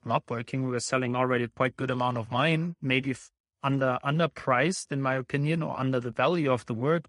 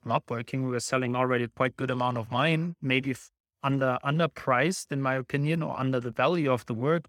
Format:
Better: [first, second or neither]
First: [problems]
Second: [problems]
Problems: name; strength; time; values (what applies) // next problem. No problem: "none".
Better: second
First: garbled, watery; slightly; nothing above 10 kHz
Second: none